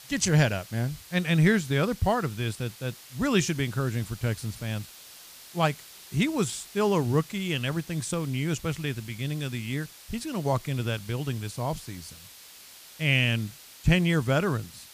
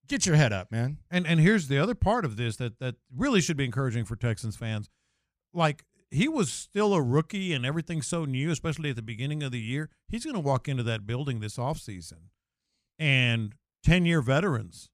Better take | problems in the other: second | hiss; noticeable; throughout; 20 dB below the speech

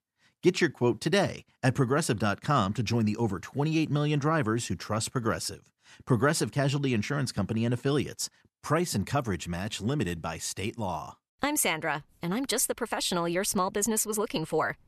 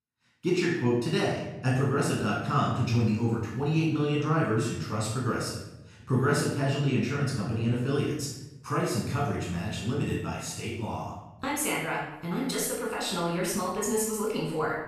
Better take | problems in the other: first | off-mic speech; far // room echo; noticeable; dies away in 0.8 s

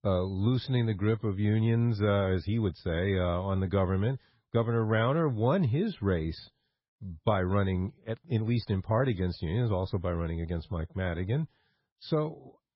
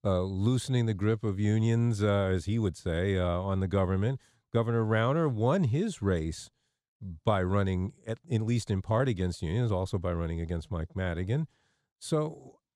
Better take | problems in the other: second | garbled, watery; badly; nothing above 5.5 kHz

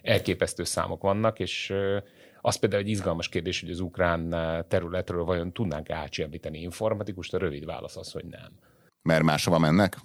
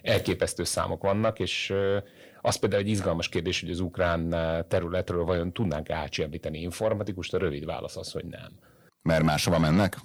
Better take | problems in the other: first | distortion; slight; 10 dB below the speech

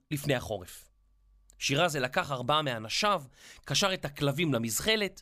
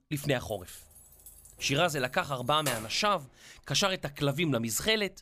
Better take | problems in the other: first | jangling keys; noticeable; until 3 s; peak 7 dB below the speech

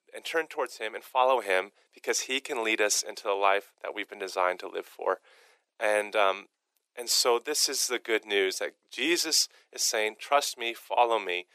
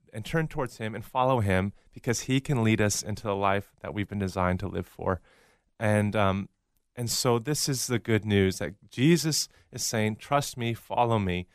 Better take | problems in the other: second | thin; very; fading below 400 Hz

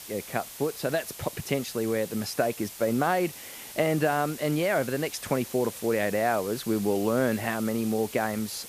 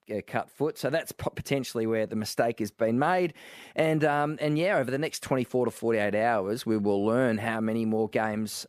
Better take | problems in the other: second | hiss; noticeable; throughout; 10 dB below the speech

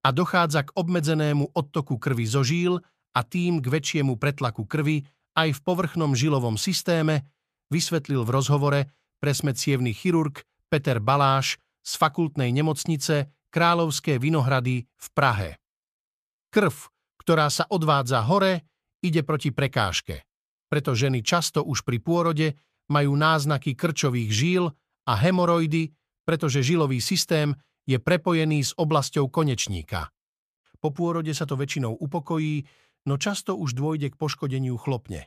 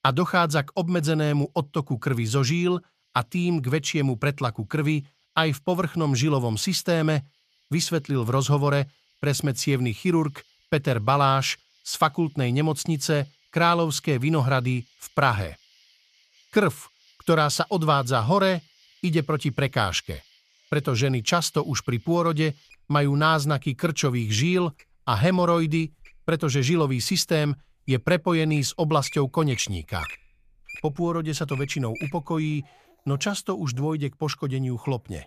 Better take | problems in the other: first | animal sounds; faint; throughout; 25 dB below the speech

